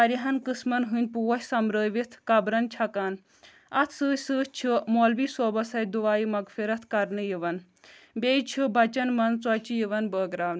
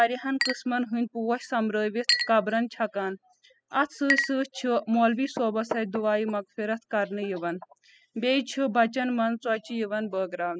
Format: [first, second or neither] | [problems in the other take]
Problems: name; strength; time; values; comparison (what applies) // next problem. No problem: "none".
first | noise reduction (classical method spectral subtraction)